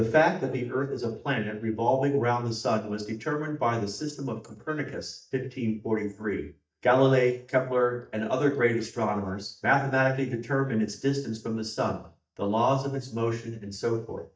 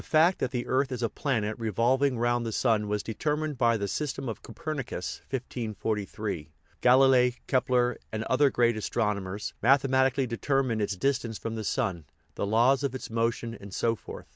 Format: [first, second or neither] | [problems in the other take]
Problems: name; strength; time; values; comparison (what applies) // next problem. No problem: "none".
second | noise reduction (neural mask model DeepFilterNet 3)